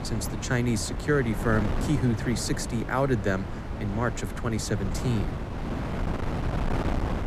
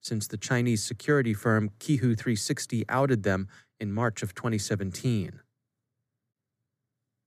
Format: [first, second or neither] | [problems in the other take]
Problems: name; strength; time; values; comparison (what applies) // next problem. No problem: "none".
second | wind noise on the microphone; heavy; 6 dB below the speech